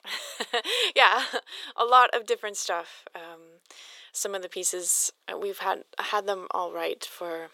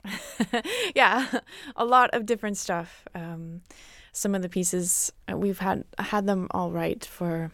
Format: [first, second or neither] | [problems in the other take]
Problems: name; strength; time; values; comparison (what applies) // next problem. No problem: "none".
second | thin; very; fading below 400 Hz